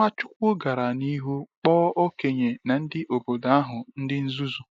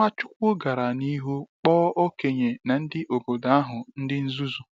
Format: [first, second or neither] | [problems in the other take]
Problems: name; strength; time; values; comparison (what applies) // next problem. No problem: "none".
second | noise reduction (neural mask model Resemble Enhance denoiser)